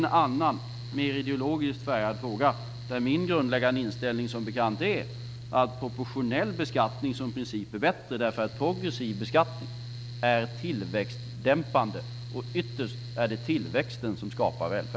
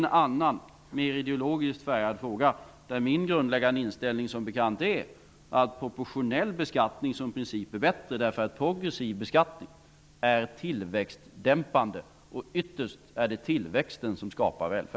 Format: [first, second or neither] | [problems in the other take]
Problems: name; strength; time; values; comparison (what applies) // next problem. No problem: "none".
second | background sound (Mechanical fan); 10 dB below the speech